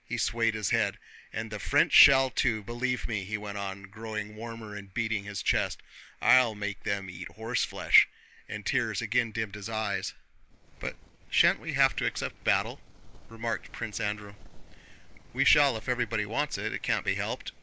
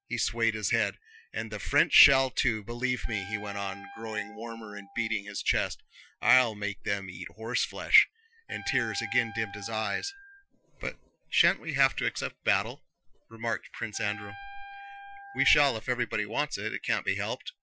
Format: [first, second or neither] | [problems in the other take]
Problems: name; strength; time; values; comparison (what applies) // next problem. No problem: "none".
first | noise reduction (classical method Wiener filter)